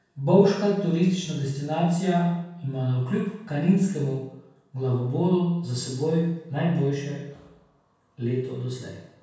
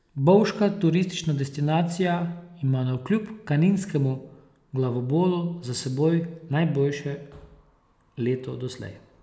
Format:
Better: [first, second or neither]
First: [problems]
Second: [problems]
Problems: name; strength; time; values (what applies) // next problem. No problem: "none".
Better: second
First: room echo; dies away in 0.7 s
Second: none